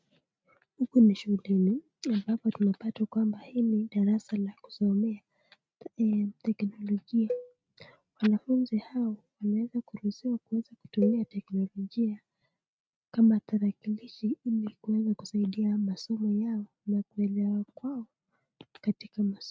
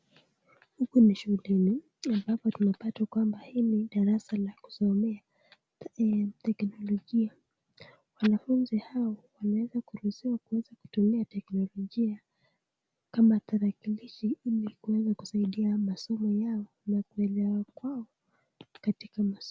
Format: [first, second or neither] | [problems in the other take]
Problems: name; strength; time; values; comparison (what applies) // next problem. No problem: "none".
second | noise reduction (neural mask model RNNoise)